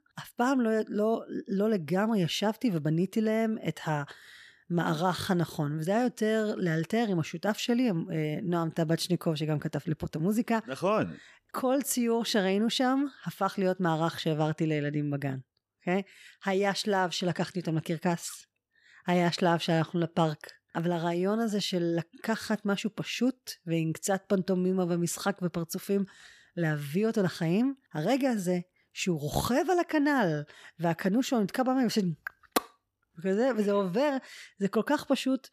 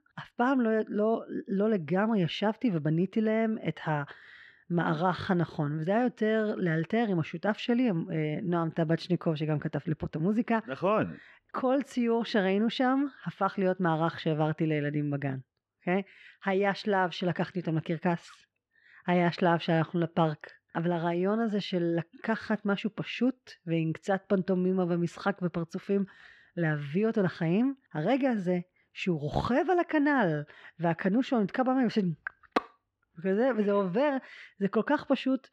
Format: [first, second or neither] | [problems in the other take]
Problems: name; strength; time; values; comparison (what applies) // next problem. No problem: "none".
first | muffled; slightly; fading above 2.5 kHz